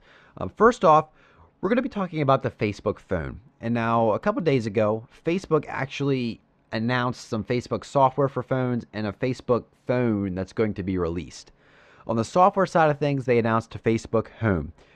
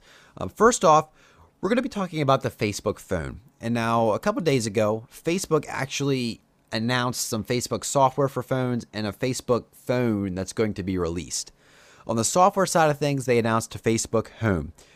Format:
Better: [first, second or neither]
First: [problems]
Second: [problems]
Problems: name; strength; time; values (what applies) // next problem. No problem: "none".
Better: second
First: muffled; slightly; fading above 3 kHz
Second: none